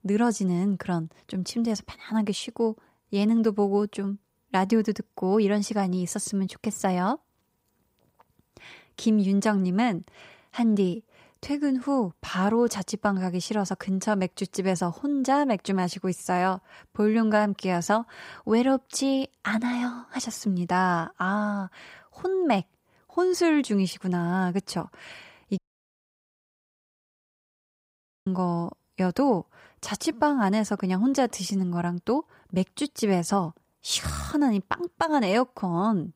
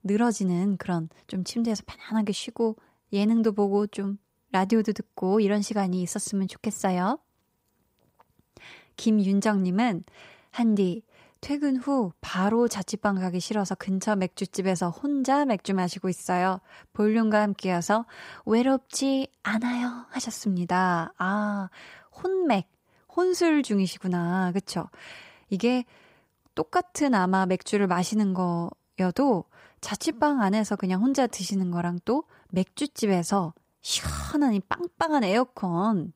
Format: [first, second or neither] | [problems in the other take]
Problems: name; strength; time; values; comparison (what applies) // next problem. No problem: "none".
second | audio cutting out; at 26 s for 2.5 s